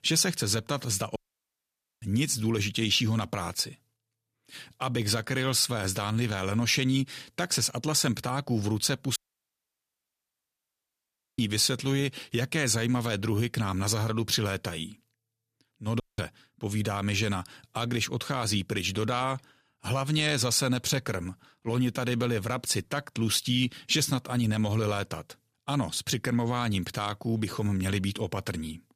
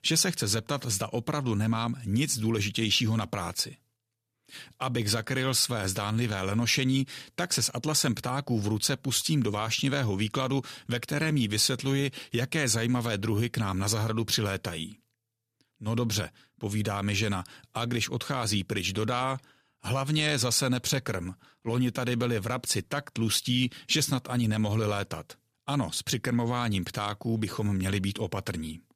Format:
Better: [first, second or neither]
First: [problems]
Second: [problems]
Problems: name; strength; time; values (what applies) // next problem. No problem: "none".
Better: second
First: audio cutting out; at 1 s for 1 s, at 9 s for 2 s and at 16 s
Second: none